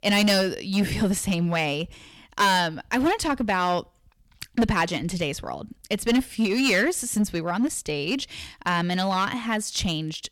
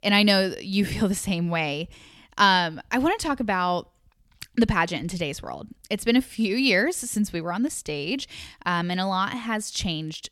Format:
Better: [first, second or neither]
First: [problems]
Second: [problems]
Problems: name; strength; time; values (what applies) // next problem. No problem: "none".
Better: second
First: distortion; slight; 6% of the sound clipped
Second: none